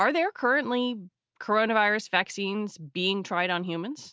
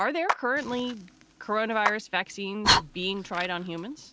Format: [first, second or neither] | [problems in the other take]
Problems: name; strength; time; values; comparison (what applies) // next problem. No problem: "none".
first | background sound (Clapping + Fire); 1 dB below the speech